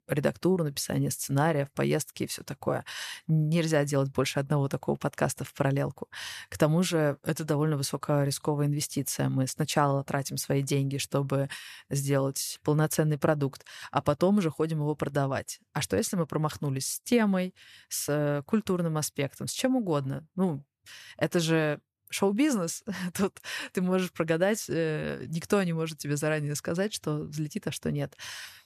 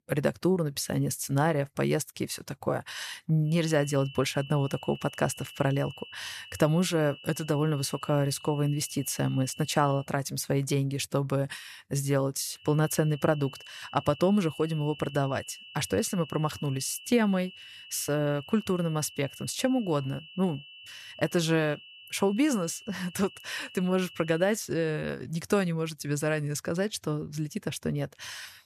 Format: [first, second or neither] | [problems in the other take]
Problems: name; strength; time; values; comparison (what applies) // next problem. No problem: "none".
first | high-pitched whine; noticeable; from 3.5 to 10 s and from 13 to 25 s; 3 kHz, 15 dB below the speech